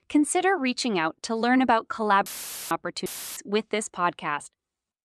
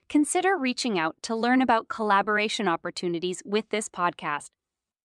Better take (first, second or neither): second